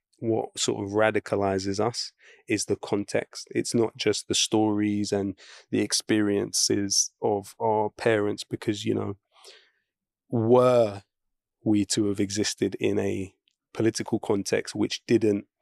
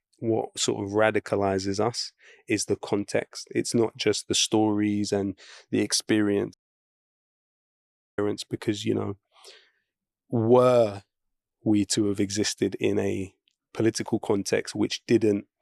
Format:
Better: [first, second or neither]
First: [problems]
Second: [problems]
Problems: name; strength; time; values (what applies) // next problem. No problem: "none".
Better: first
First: none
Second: audio cutting out; at 6.5 s for 1.5 s